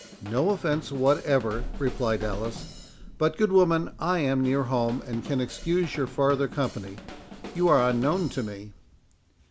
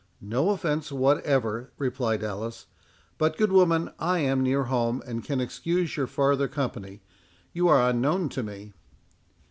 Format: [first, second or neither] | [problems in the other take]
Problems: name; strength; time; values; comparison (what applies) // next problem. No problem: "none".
second | background sound (Drum kit + Thunder); 13 dB below the speech